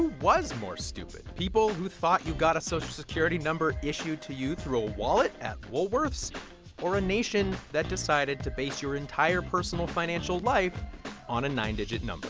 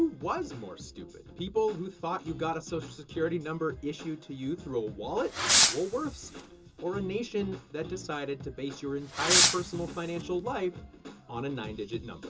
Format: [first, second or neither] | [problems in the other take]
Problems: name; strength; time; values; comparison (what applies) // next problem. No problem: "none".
first | background sound (Fireworks); 5 dB above the speech // room echo; dies away in 0.2 s